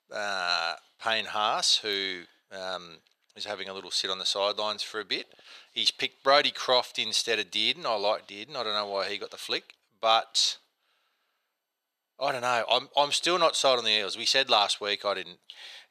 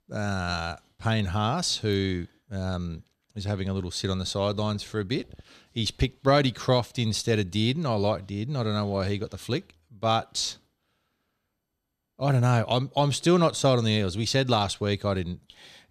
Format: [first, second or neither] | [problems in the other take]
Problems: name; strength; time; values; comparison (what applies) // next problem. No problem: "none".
second | thin; very; fading below 650 Hz